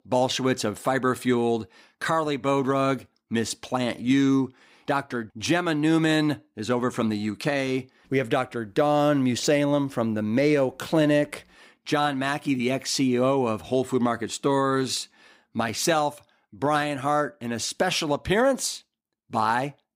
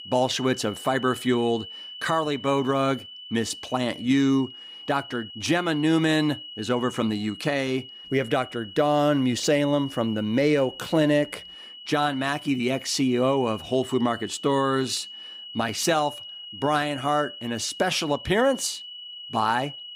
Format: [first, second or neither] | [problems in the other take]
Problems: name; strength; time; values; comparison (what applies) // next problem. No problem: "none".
first | high-pitched whine; noticeable; throughout; 3 kHz, 15 dB below the speech